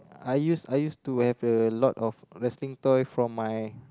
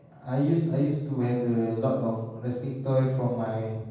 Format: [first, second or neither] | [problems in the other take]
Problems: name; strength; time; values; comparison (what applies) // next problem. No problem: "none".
first | room echo; dies away in 1.2 s